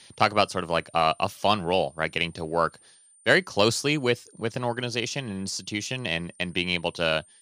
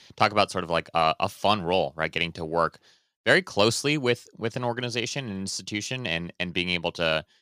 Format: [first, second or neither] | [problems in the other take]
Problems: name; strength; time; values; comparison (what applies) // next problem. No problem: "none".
second | high-pitched whine; faint; throughout; 9 kHz, 30 dB below the speech